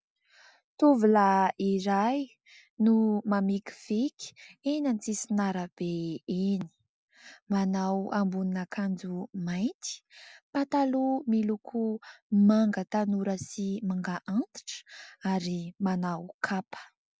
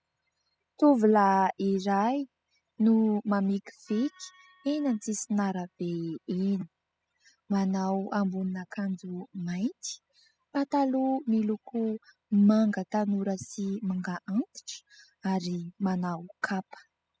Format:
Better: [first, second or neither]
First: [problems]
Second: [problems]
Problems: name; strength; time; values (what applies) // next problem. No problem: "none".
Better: first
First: none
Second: noise reduction (classical method spectral subtraction)